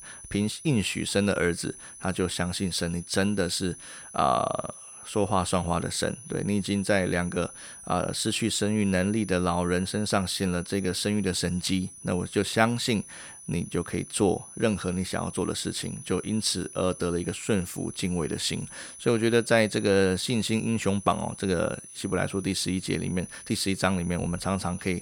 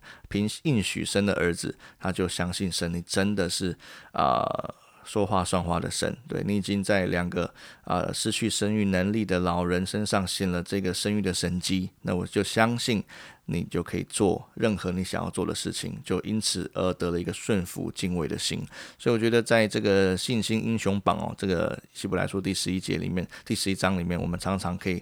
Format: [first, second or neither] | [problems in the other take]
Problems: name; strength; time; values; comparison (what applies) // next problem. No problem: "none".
second | high-pitched whine; noticeable; throughout; 10 kHz, 15 dB below the speech